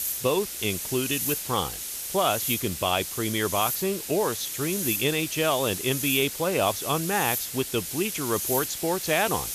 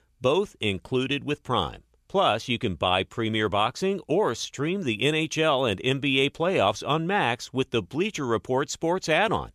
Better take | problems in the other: second | hiss; loud; throughout; 3 dB below the speech

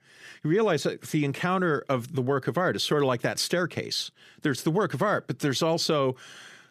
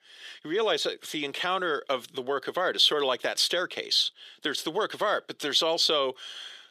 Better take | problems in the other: first | thin; somewhat; fading below 500 Hz

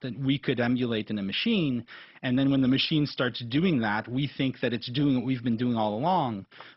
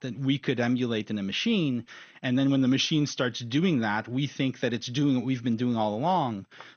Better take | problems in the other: second | garbled, watery; badly; nothing above 5.5 kHz; slightly in the second

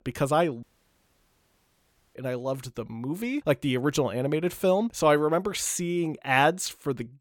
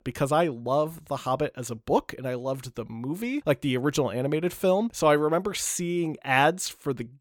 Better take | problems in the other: second | audio cutting out; at 0.5 s for 1.5 s

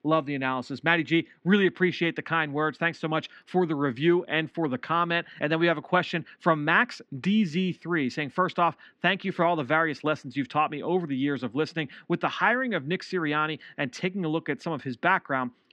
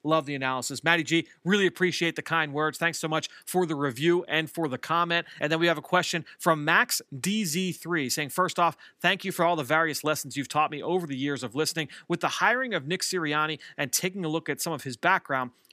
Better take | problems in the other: second | muffled; slightly; fading above 3.5 kHz

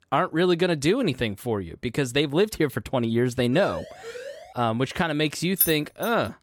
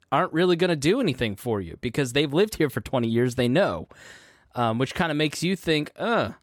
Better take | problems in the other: second | siren; faint; from 3.5 to 4.5 s; peak 15 dB below the speech // jangling keys; loud; at 5.5 s; peak 1 dB above the speech

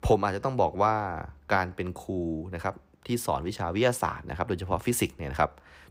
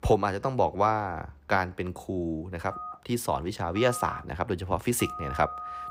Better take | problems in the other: first | phone ringing; noticeable; from 2.5 s on; peak 8 dB below the speech

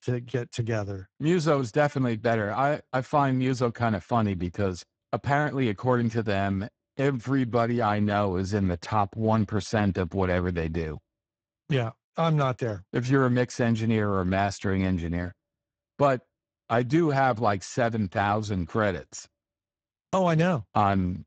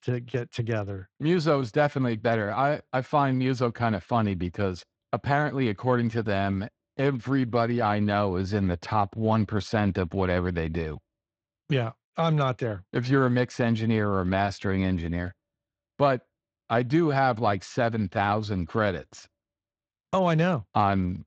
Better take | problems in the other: second | garbled, watery; badly; nothing above 8 kHz; slightly in the second

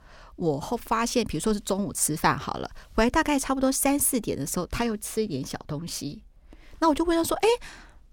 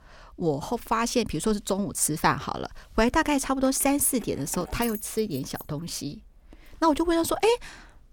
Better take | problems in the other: first | jangling keys; noticeable; from 3 to 7.5 s; peak 10 dB below the speech

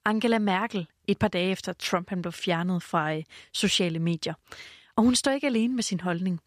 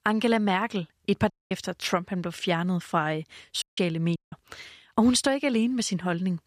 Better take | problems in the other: first | audio cutting out; at 1.5 s, at 3.5 s and at 4 s

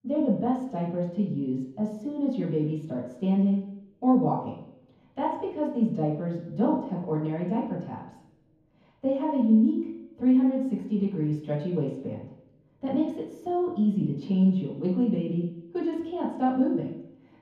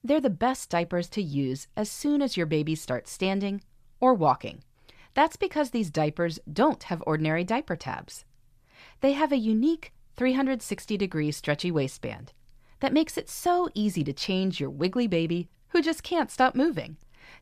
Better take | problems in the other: second | room echo; noticeable; dies away in 0.9 s // off-mic speech; far

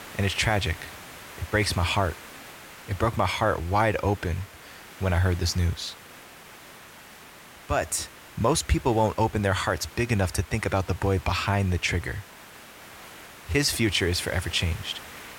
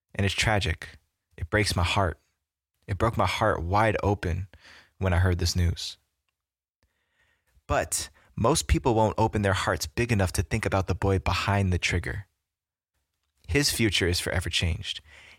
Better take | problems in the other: second | hiss; noticeable; throughout; 20 dB below the speech

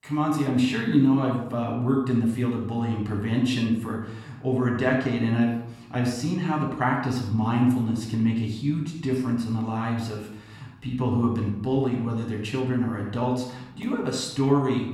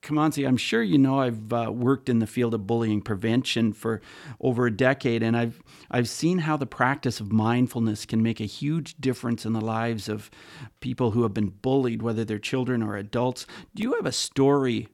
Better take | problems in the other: second | off-mic speech; far // room echo; noticeable; dies away in 0.7 s

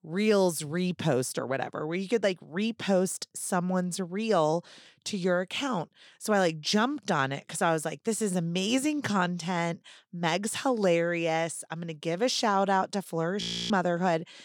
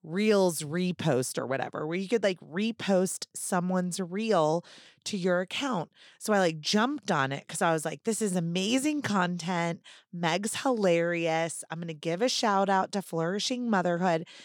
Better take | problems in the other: second | audio freezing; at 13 s

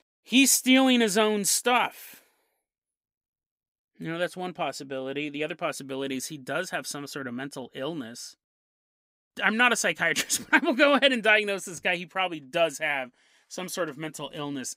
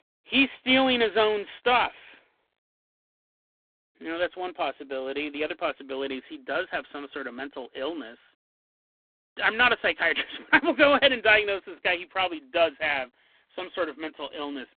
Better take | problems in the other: first | phone-call audio; poor line

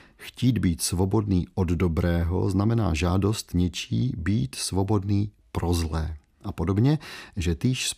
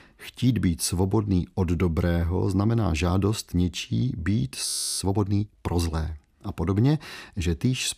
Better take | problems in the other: first | audio freezing; at 4.5 s

